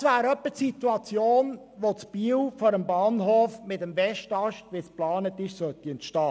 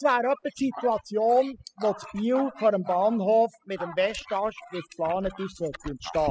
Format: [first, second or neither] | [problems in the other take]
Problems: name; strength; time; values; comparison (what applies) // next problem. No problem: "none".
first | noise reduction (classical method spectral subtraction)